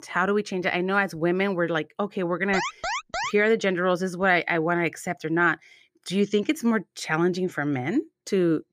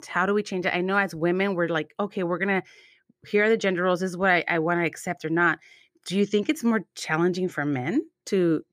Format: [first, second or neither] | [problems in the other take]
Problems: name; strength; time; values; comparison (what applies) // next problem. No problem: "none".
second | alarm; noticeable; at 2.5 s; peak 4 dB below the speech